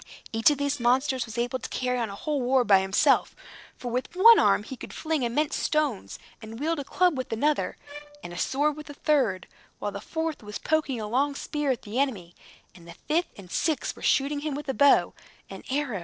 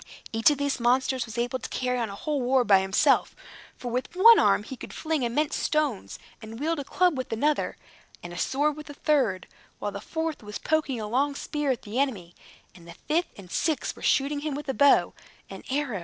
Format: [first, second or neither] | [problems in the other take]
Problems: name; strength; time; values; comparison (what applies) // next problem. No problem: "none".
second | noise reduction (neural separator model SepFormer DNS4)